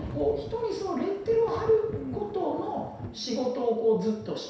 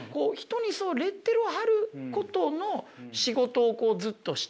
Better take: second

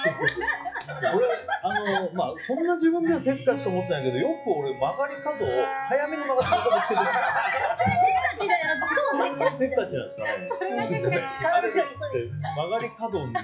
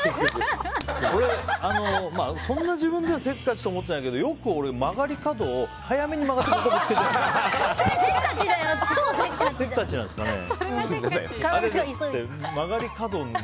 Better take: second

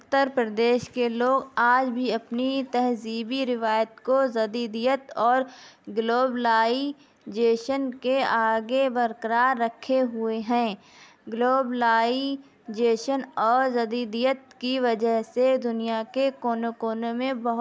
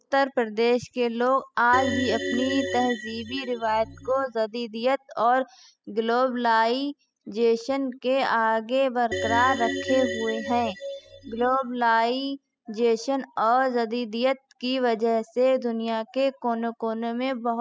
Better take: first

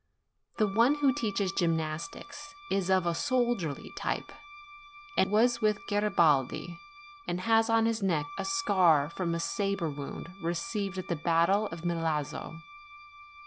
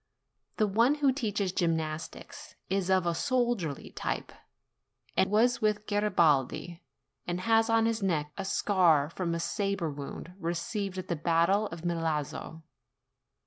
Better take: second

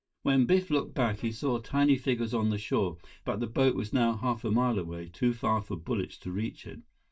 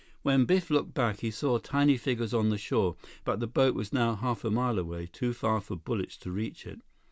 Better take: second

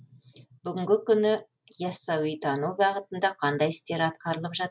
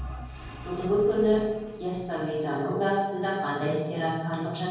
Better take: first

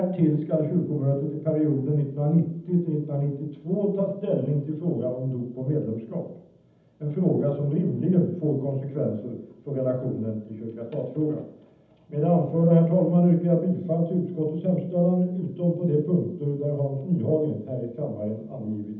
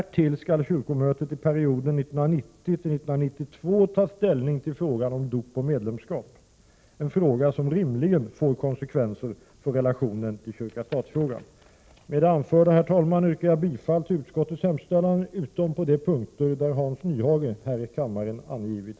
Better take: second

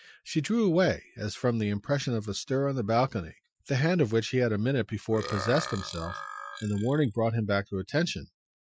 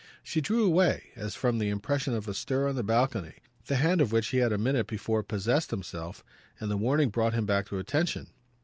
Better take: second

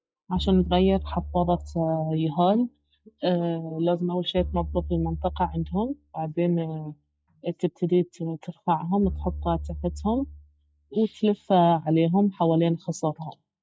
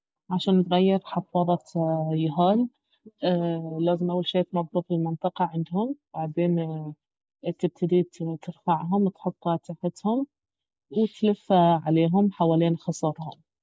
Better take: second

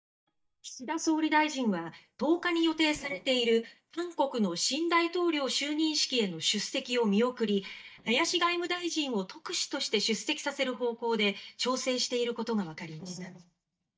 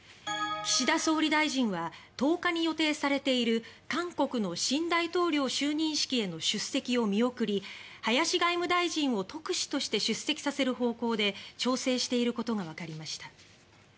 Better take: second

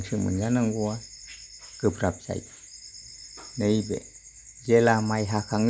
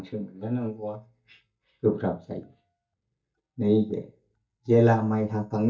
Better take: first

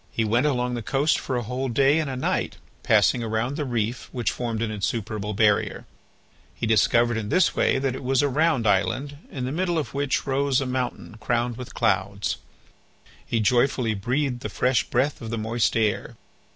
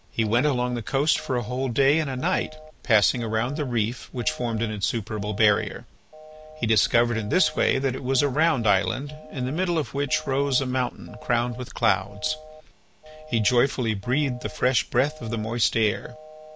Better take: first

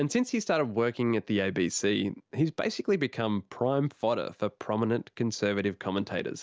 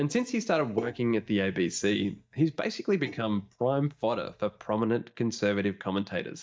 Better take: first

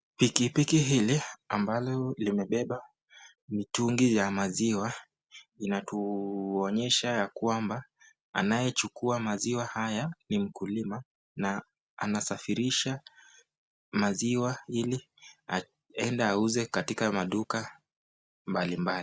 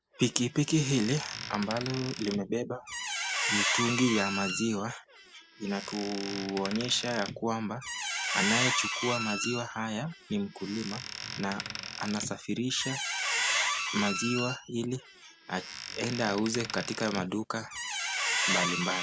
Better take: first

